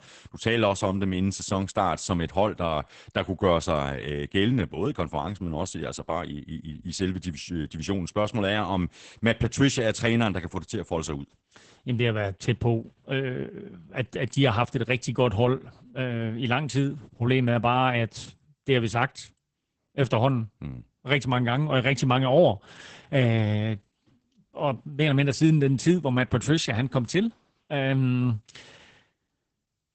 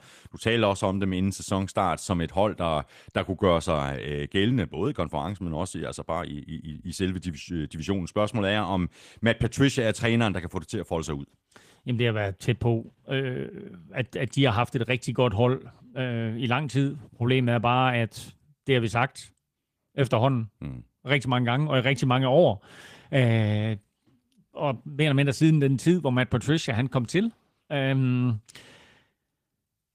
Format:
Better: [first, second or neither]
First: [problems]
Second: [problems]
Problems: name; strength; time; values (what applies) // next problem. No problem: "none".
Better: second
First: garbled, watery; badly; nothing above 8 kHz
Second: garbled, watery; slightly; nothing above 15 kHz